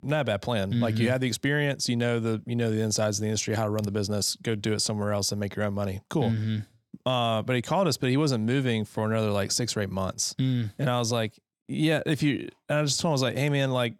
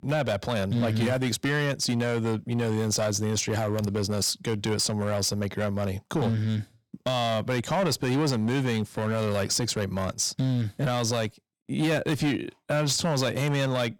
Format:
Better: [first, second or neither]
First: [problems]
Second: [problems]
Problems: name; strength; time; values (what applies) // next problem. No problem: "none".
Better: first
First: none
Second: distortion; slight; 12% of the sound clipped